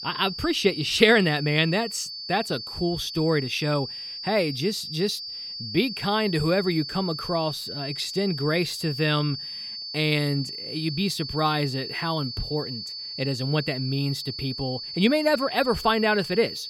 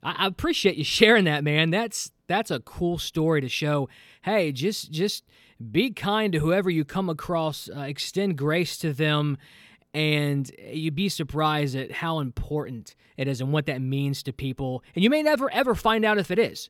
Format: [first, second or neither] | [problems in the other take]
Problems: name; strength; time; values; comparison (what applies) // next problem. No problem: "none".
second | high-pitched whine; loud; throughout; 4.5 kHz, 7 dB below the speech